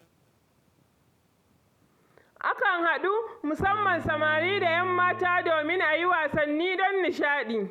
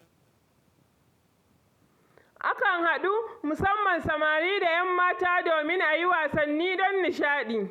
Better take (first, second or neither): second